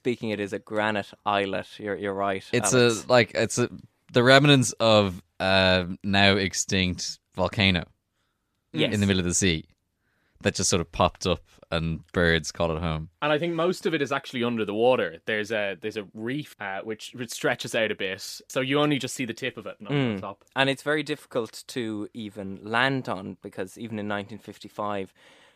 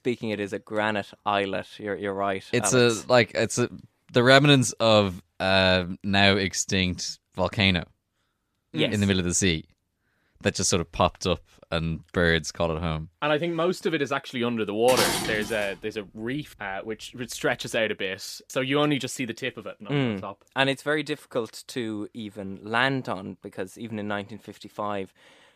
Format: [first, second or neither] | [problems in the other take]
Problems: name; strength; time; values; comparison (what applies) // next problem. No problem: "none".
first | clattering dishes; loud; at 15 s; peak 1 dB above the speech